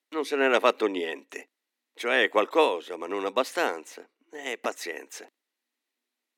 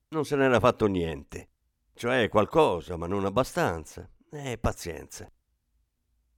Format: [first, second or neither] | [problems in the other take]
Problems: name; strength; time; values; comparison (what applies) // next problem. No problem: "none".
second | thin; somewhat; fading below 250 Hz